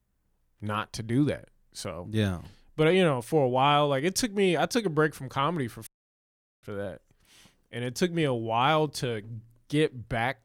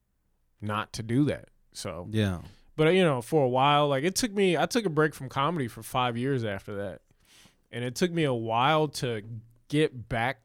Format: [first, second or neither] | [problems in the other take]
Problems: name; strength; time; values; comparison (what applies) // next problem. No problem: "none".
second | audio cutting out; at 6 s for 1 s